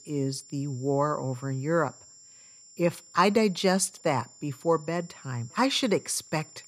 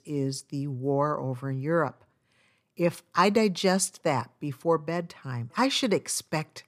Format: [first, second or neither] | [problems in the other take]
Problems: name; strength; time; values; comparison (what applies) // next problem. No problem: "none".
second | high-pitched whine; faint; throughout; 7.5 kHz, 20 dB below the speech